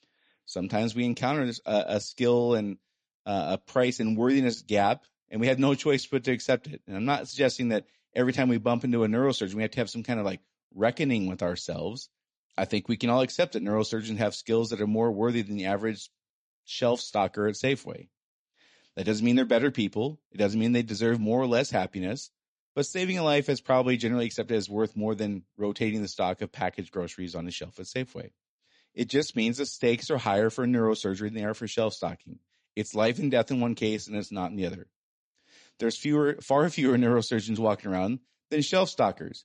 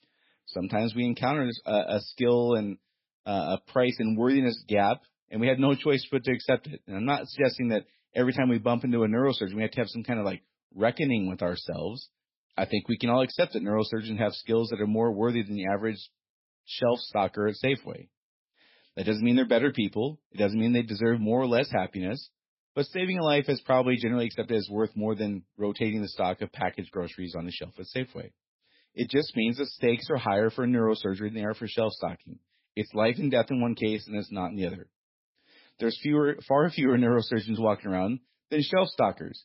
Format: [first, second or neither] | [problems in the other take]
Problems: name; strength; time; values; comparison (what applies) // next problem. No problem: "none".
first | garbled, watery; badly; nothing above 5.5 kHz; slightly in the first